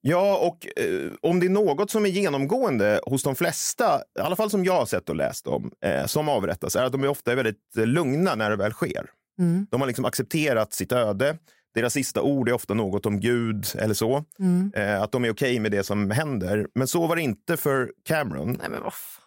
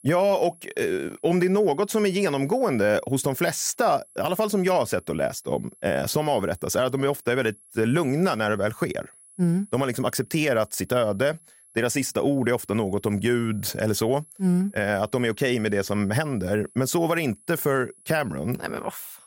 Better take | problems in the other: first | high-pitched whine; faint; throughout; 10.5 kHz, 25 dB below the speech

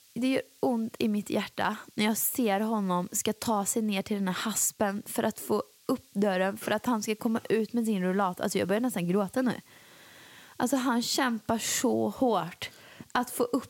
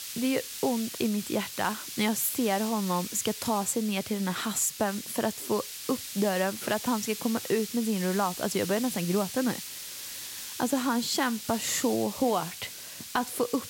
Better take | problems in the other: first | hiss; loud; throughout; 8 dB below the speech; faint in the first

